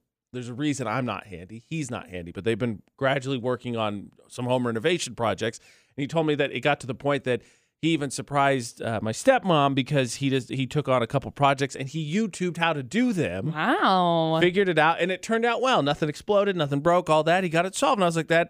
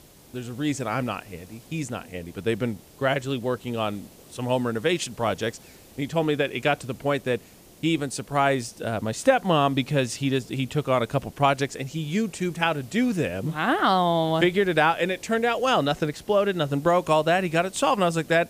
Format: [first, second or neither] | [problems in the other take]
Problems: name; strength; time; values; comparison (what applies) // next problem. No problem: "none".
first | hiss; faint; throughout; 25 dB below the speech